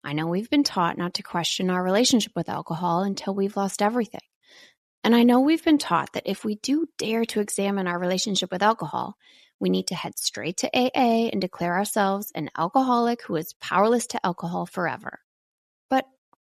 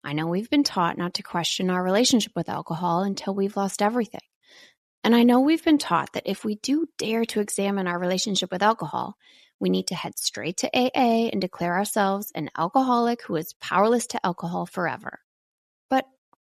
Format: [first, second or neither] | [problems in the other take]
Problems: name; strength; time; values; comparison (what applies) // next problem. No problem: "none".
neither | none